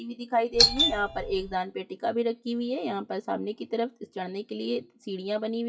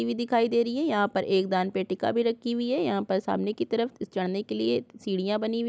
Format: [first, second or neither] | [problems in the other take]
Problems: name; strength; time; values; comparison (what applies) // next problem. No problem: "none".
second | noise reduction (classical method WPE with log-MMSE)